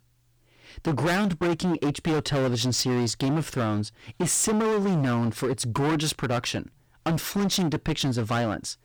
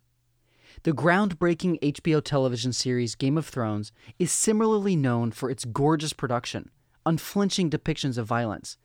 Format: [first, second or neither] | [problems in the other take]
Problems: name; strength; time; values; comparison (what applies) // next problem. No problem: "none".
second | distortion; heavy; 23% of the sound clipped